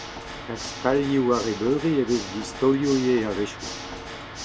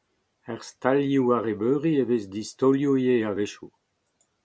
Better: second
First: background sound (Water / Mechanisms); 11 dB below the speech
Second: none

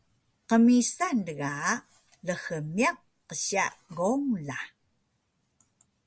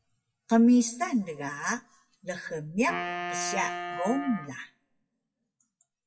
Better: first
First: none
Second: noise reduction (classical method WPE with log-MMSE)

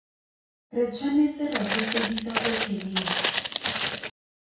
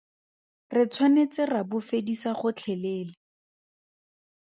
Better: second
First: background sound (Walk, footsteps); 1 dB above the speech // room echo; dies away in 0.6 s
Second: none

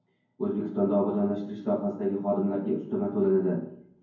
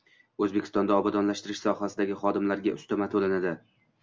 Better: second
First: room echo; dies away in 0.9 s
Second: none

